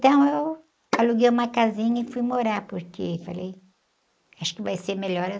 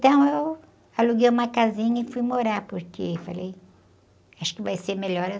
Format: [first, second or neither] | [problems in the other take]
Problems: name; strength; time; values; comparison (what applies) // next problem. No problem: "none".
second | noise reduction (neural mask model Resemble Enhance denoiser)